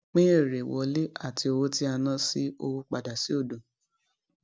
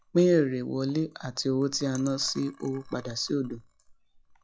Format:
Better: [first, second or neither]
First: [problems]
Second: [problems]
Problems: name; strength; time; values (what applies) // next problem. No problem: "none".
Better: first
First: none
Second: noise reduction (classical method log-MMSE)